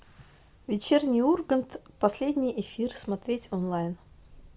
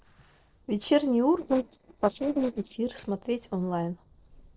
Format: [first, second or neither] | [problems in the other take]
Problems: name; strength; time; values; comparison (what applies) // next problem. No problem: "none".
first | noise reduction (neural separator model SepFormer DNS4)